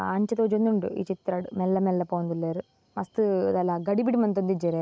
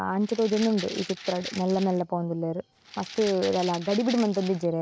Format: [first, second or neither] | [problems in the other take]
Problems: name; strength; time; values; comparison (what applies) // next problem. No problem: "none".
first | background sound (Rattle (instrument)); 14 dB below the speech